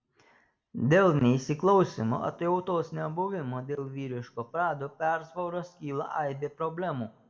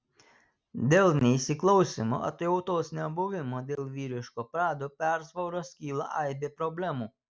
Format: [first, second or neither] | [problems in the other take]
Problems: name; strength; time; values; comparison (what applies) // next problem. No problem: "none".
second | room echo; dies away in 2.5 s